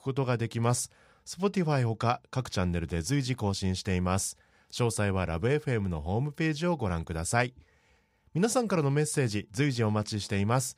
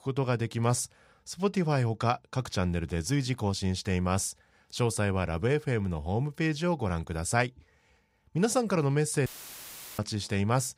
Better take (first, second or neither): first